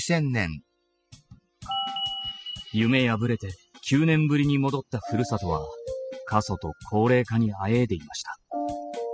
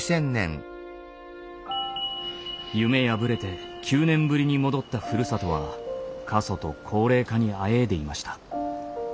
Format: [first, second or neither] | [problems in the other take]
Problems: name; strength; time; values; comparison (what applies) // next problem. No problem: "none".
second | noise reduction (classical method spectral subtraction)